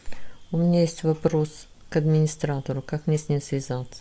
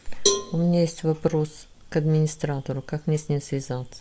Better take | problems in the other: first | background sound (Cowbell); 7 dB below the speech

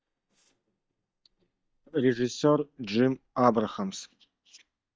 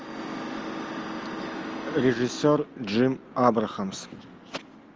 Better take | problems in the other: second | noise reduction (neural mask model DeepFilterNet 3)

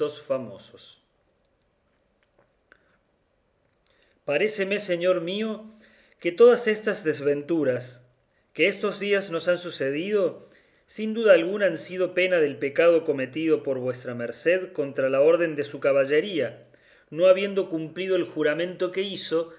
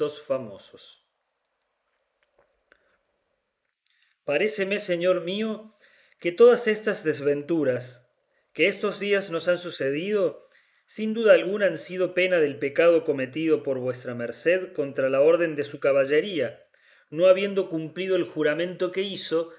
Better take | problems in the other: first | noise reduction (neural mask model Resemble Enhance denoiser)

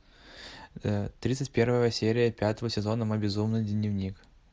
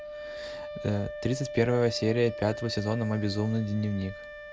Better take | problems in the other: first | background sound (Wind instrument, woodwind instrument); 10 dB below the speech

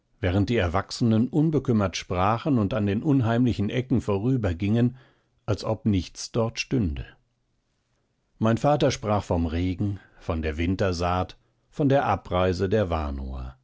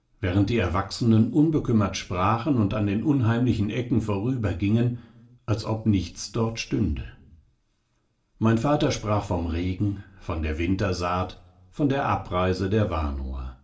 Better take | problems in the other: first | room echo; dies away in 0.4 s

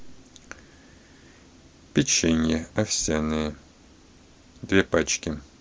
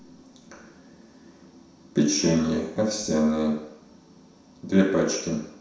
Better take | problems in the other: first | background sound (Bowed string instrument); 19 dB below the speech // room echo; dies away in 0.7 s

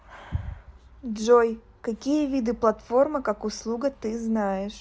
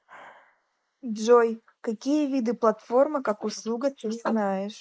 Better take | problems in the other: first | noise reduction (neural mask model Resemble Enhance denoiser)

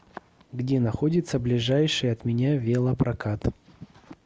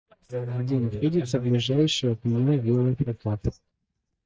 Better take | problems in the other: first | noise reduction (neural mask model DeepFilterNet 3)

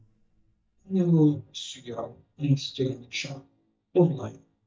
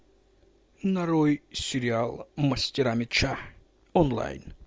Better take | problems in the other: second | noise reduction (neural mask model DeepFilterNet 3)

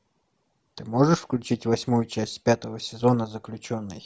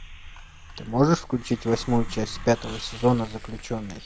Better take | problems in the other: first | background sound (Hiss + Car); 11 dB below the speech

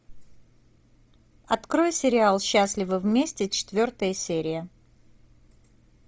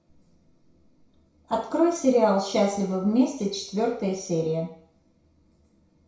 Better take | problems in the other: first | room echo; dies away in 0.6 s

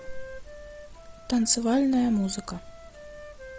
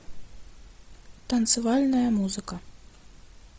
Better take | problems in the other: second | background sound (Wind instrument, woodwind instrument); 18 dB below the speech

